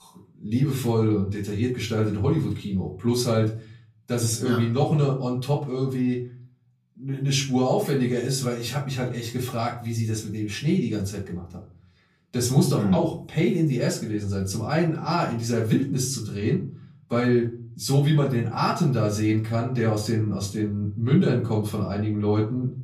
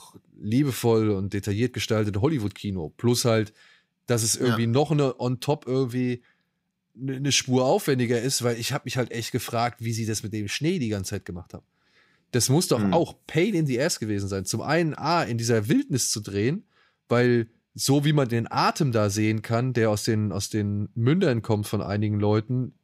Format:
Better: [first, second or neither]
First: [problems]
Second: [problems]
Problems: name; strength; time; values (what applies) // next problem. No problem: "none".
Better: second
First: off-mic speech; far // room echo; slight; dies away in 0.4 s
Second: none